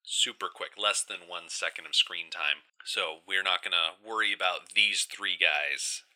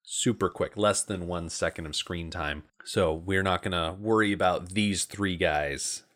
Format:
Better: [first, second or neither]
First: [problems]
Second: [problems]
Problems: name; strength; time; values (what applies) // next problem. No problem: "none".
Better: second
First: thin; very; fading below 850 Hz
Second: none